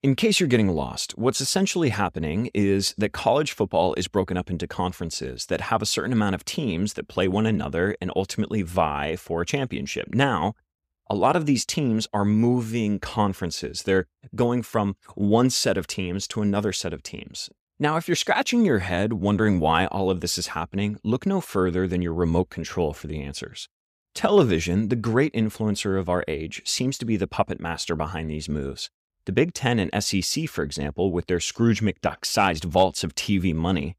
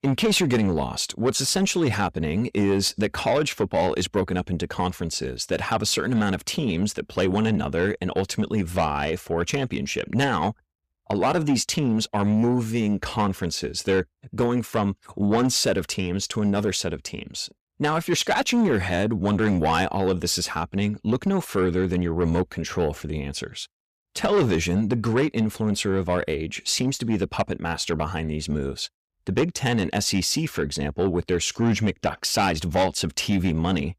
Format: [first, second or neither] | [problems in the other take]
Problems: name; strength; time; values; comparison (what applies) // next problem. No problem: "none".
first | distortion; slight; 10 dB below the speech